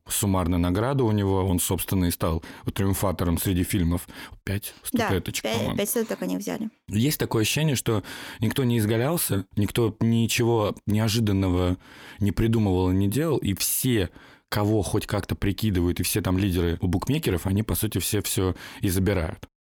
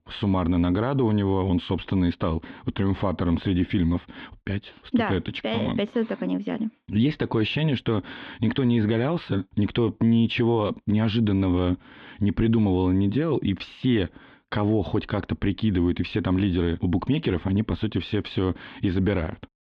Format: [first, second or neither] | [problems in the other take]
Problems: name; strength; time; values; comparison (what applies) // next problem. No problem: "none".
first | muffled; very; fading above 3.5 kHz